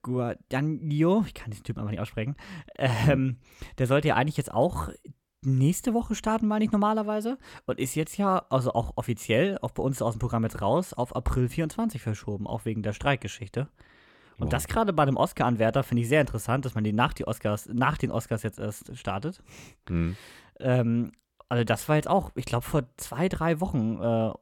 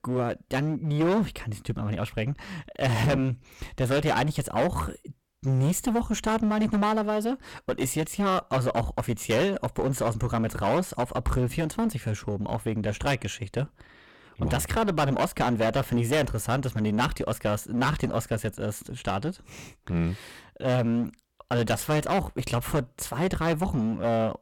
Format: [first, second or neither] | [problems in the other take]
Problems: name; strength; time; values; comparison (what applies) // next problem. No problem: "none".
first | distortion; heavy; 14% of the sound clipped